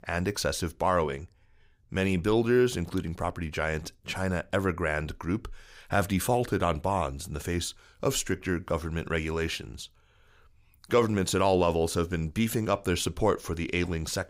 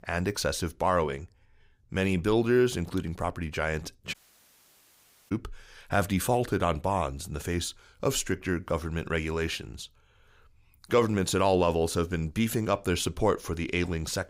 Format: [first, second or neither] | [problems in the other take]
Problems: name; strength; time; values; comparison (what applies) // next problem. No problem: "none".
first | audio cutting out; at 4 s for 1 s